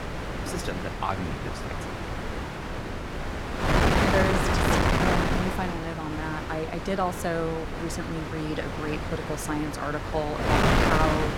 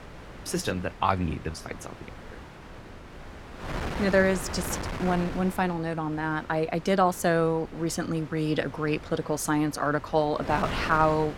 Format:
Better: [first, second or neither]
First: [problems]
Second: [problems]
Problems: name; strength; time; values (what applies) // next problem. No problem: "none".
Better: second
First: wind noise on the microphone; heavy; 3 dB above the speech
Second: wind noise on the microphone; occasional gusts; 15 dB below the speech